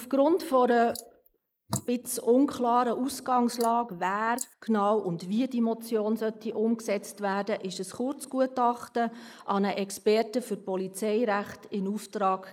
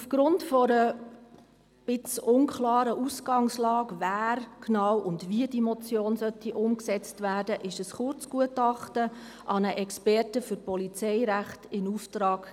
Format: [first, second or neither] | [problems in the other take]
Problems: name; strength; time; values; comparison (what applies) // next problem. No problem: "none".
second | noise reduction (neural mask model Resemble Enhance denoiser)